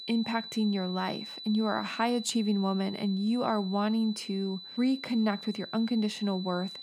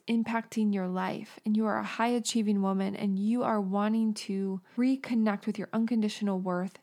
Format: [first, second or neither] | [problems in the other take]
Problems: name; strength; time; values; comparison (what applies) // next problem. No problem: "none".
second | high-pitched whine; noticeable; throughout; 4 kHz, 10 dB below the speech